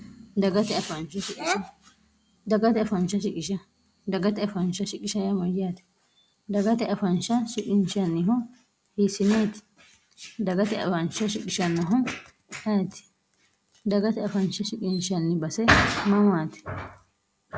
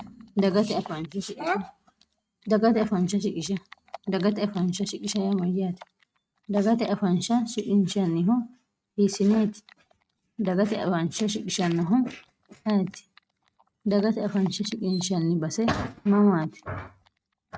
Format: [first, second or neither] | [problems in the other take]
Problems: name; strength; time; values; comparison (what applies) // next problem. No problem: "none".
first | noise reduction (neural mask model RNNoise)